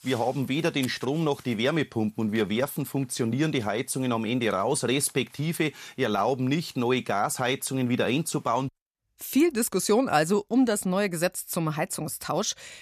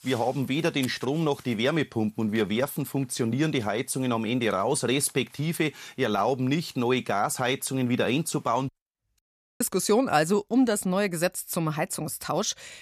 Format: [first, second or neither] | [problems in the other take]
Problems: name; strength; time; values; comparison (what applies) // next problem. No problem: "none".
first | audio cutting out; at 9 s